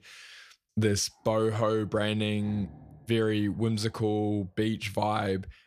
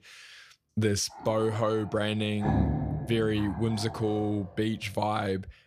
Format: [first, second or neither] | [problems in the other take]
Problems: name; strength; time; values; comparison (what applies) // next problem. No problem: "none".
first | animal sounds; loud; until 4.5 s; 6 dB below the speech; faint in the first